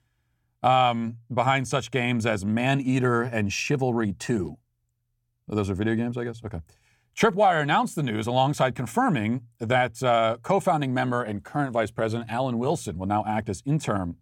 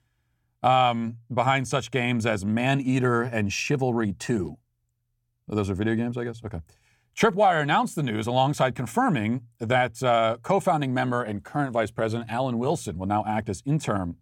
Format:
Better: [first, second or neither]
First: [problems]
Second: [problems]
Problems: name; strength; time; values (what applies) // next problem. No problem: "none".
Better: neither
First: none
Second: none